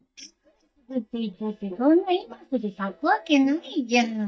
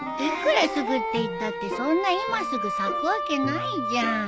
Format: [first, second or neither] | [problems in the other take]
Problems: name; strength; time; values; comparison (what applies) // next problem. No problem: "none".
second | noise reduction (neural mask model DeepFilterNet 3)